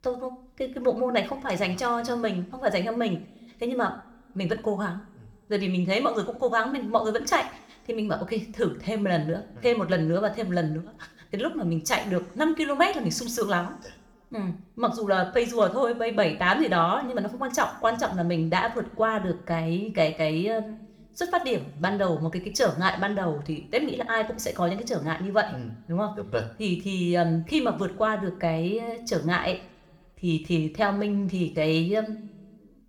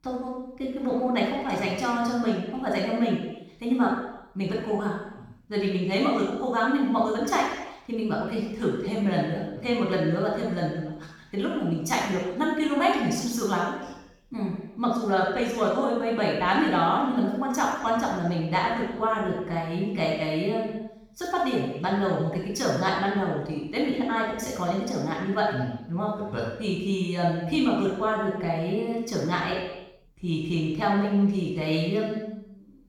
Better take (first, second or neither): first